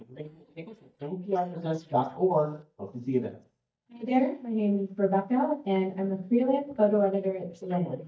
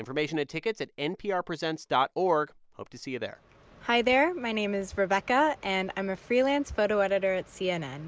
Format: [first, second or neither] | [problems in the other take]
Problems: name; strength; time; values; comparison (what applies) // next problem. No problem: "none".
second | noise reduction (neural mask model DeepFilterNet 3)